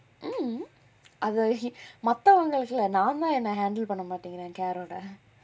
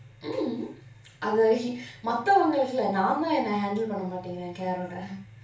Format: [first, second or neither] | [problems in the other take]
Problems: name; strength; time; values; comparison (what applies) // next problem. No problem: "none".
first | room echo; dies away in 0.3 s